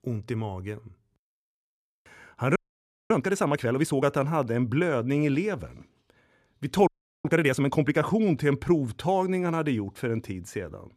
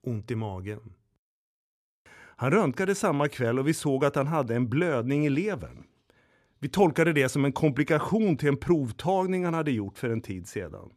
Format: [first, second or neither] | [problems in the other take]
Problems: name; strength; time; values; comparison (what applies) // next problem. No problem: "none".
second | audio freezing; at 2.5 s for 0.5 s and at 7 s